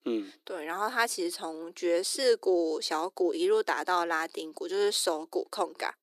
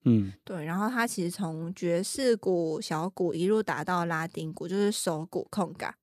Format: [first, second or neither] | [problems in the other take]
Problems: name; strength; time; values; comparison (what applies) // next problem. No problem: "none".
second | thin; very; fading below 350 Hz